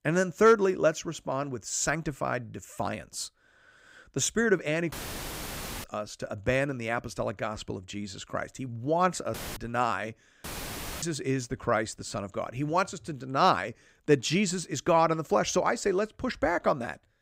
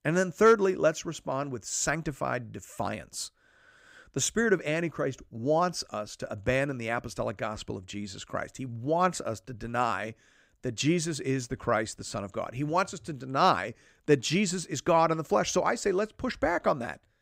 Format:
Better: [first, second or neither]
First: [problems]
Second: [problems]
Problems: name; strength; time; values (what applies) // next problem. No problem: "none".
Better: second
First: audio cutting out; filled with static; at 5 s for 1 s, at 9.5 s and at 10 s for 0.5 s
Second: none